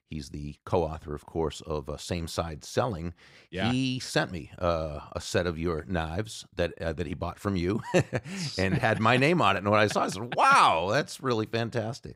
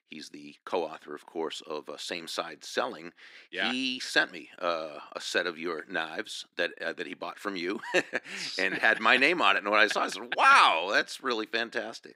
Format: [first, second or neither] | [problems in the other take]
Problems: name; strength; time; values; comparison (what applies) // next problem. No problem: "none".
first | thin; somewhat; fading below 250 Hz